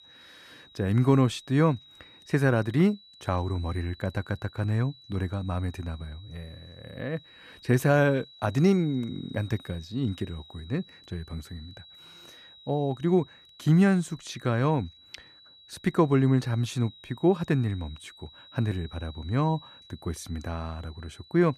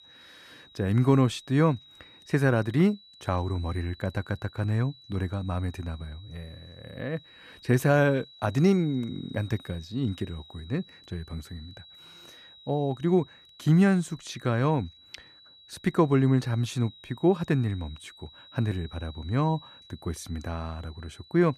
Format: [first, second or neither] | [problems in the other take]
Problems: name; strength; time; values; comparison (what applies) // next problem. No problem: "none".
neither | high-pitched whine; faint; throughout; 4 kHz, 25 dB below the speech; the same in both